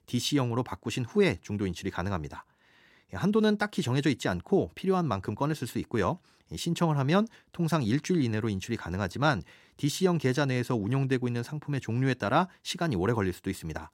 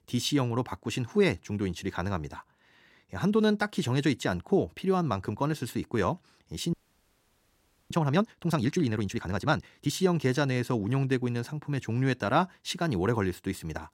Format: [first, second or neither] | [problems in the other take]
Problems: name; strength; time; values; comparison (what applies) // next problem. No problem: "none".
first | audio freezing; at 6.5 s for 1 s